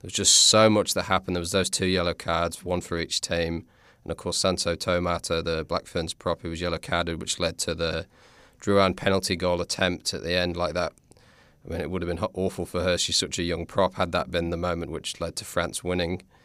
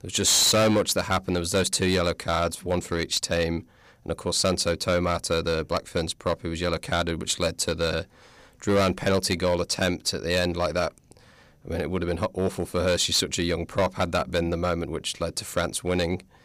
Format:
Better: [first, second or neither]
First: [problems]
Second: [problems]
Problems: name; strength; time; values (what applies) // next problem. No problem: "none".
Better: first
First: none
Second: distortion; slight; 5% of the sound clipped